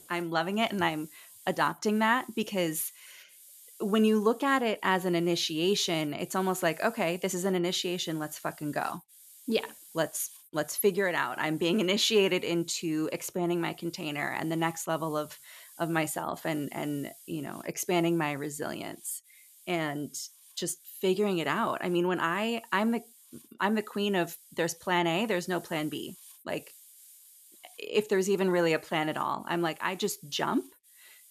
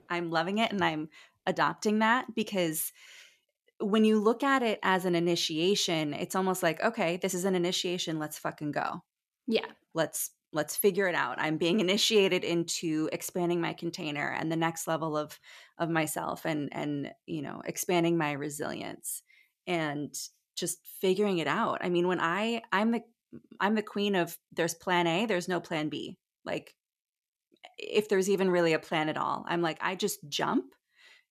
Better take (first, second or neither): second